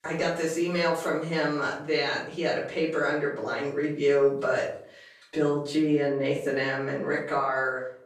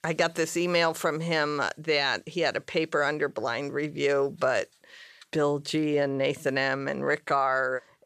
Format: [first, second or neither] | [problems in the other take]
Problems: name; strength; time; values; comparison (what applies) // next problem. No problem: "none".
second | off-mic speech; far // room echo; slight; dies away in 0.5 s